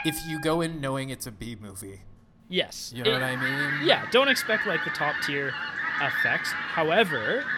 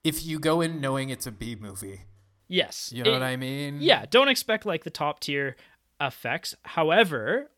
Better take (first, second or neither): second